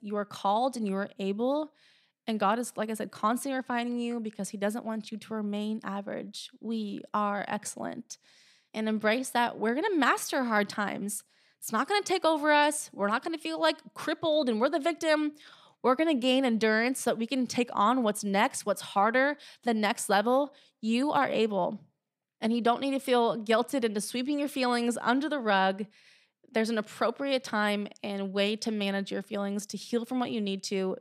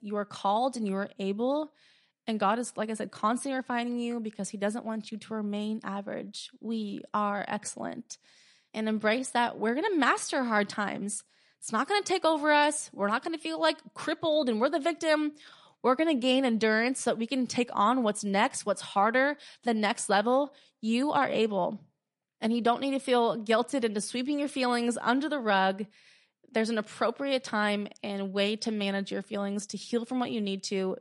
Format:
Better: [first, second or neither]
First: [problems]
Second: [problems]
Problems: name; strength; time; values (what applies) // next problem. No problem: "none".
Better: first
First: none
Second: garbled, watery; slightly; nothing above 11 kHz